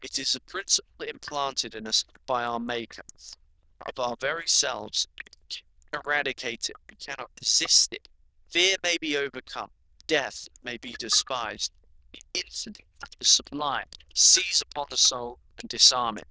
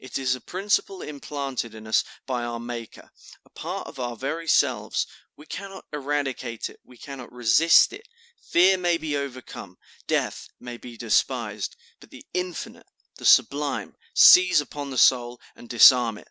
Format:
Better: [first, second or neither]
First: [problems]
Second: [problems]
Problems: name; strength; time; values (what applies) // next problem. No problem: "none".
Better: second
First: noise reduction (neural diffusion model UNIVERSE++)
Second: none